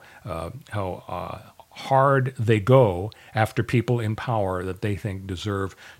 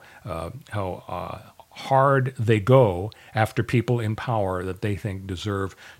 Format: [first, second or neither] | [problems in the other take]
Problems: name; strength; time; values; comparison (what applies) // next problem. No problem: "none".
neither | none